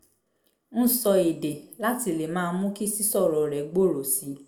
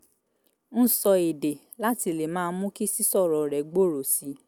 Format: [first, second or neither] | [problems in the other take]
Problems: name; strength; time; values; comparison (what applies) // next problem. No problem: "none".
second | room echo; dies away in 0.4 s